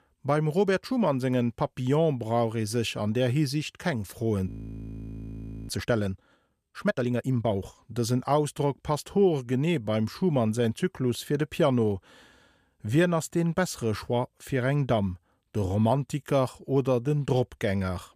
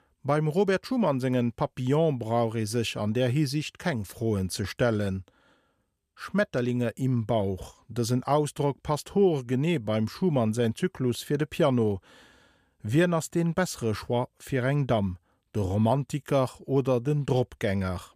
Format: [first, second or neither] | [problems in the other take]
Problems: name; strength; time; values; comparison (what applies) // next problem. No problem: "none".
second | audio freezing; at 4.5 s for 1 s